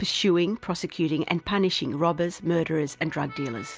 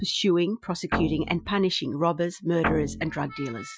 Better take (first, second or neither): first